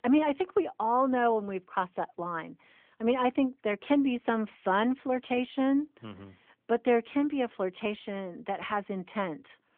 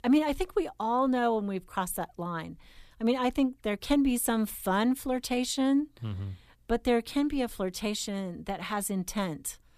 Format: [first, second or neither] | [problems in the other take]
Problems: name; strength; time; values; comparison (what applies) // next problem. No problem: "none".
second | phone-call audio